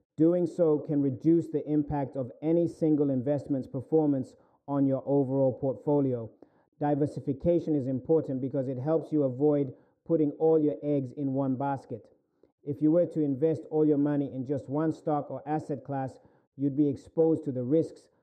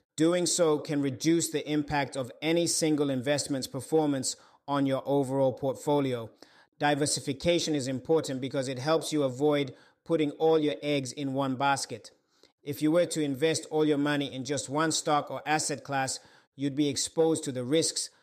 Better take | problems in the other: second | muffled; very; fading above 1.5 kHz

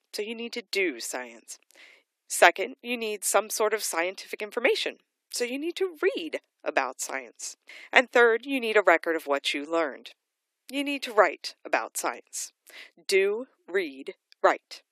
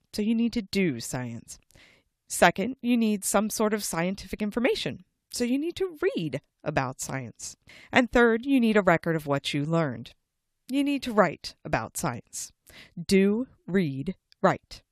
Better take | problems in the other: second | thin; somewhat; fading below 300 Hz

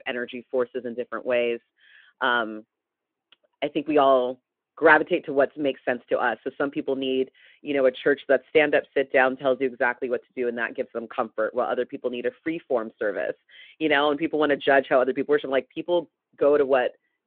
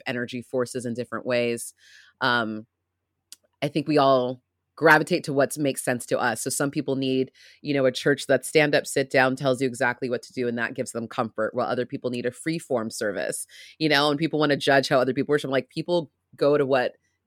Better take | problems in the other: second | phone-call audio

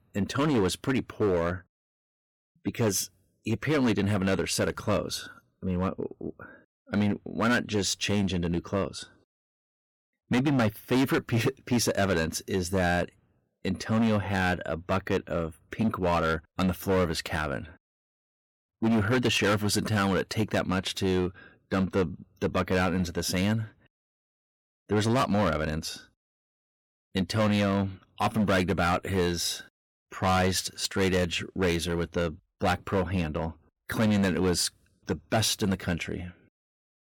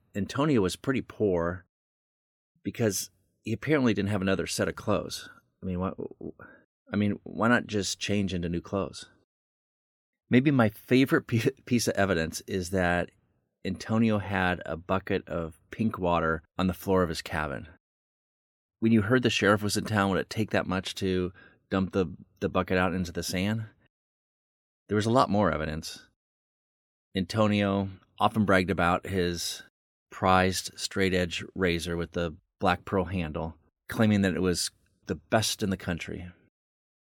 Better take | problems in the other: second | distortion; heavy; 8% of the sound clipped

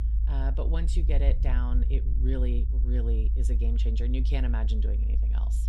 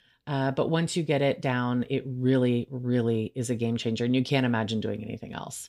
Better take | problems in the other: second | low rumble; loud; throughout; 7 dB below the speech

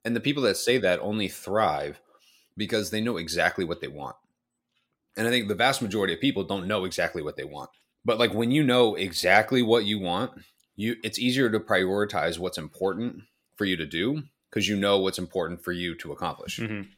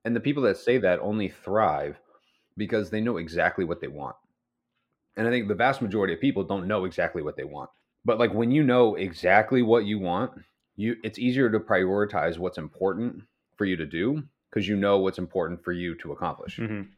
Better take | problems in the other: first | muffled; very; fading above 3.5 kHz

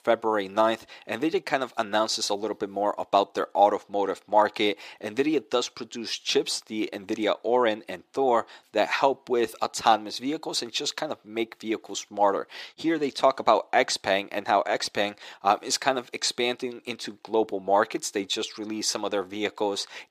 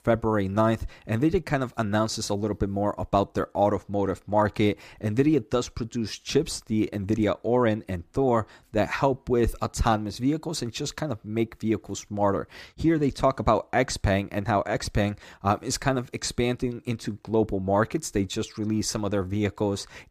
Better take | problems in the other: second | thin; somewhat; fading below 400 Hz

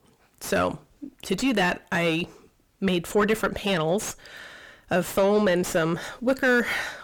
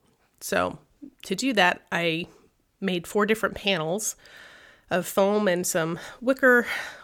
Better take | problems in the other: second | distortion; heavy; 6 dB below the speech

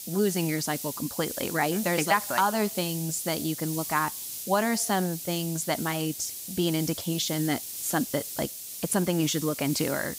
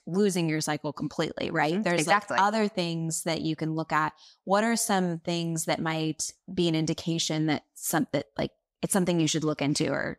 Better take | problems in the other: second | hiss; loud; throughout; 6 dB below the speech

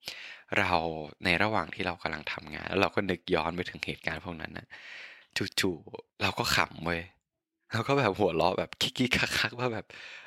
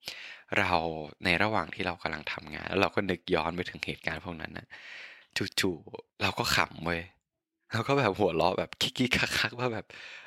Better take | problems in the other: neither | thin; somewhat; fading below 450 Hz; the same in both

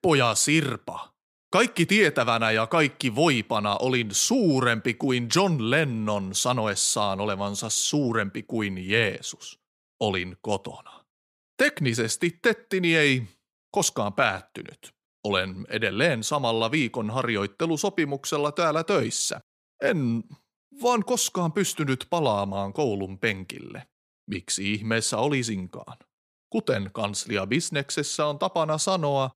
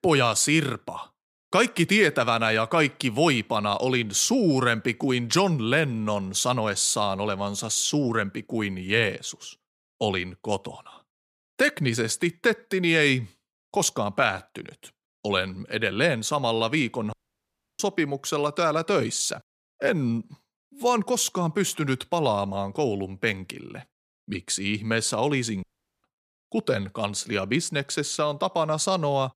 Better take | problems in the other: first | audio cutting out; at 17 s for 0.5 s and at 26 s

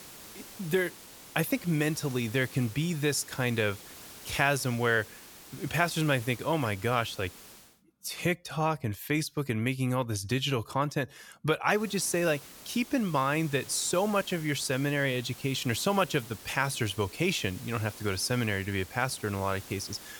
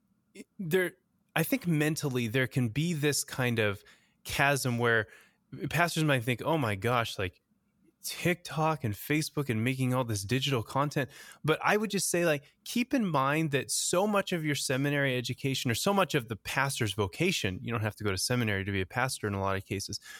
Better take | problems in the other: second | hiss; noticeable; until 7.5 s and from 12 s on; 15 dB below the speech

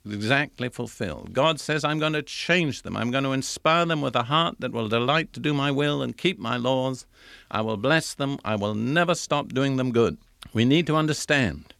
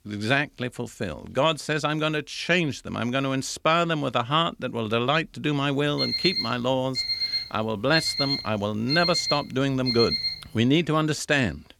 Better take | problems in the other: first | alarm; loud; from 6 to 10 s; peak 1 dB above the speech

